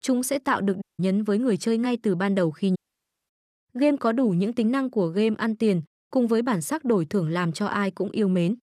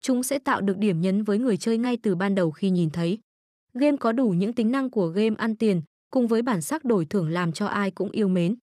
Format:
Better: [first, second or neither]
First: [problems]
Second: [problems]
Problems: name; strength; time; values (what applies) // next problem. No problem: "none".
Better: second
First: audio cutting out; at 1 s and at 3 s for 0.5 s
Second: none